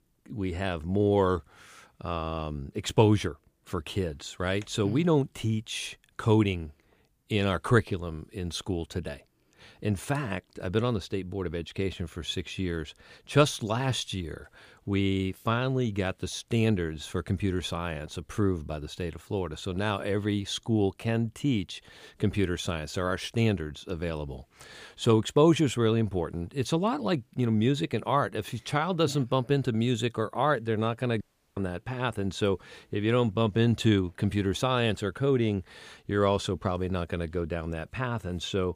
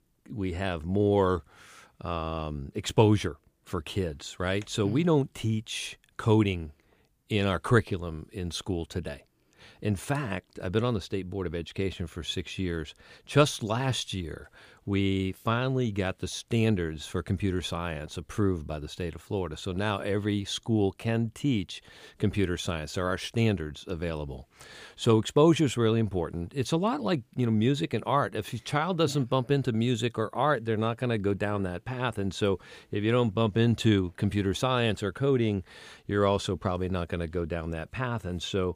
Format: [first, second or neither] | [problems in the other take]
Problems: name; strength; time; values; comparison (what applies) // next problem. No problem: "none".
second | audio cutting out; at 31 s